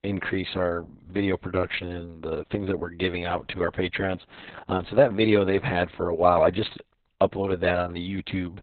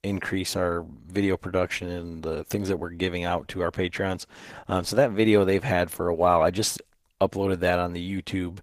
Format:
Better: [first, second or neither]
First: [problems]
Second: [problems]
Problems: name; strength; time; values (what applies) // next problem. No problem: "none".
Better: second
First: garbled, watery; badly; nothing above 4 kHz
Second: garbled, watery; slightly; nothing above 15 kHz